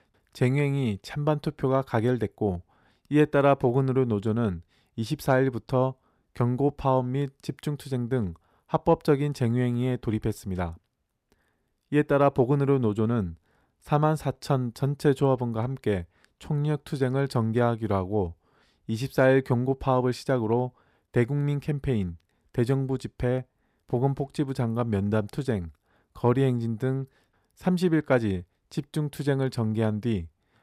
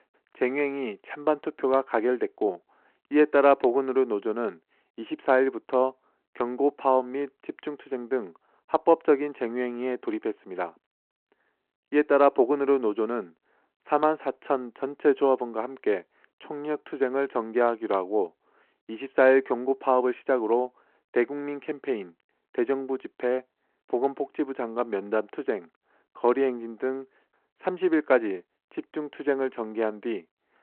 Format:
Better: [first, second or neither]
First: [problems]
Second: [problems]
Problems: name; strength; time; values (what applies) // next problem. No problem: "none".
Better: first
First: none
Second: phone-call audio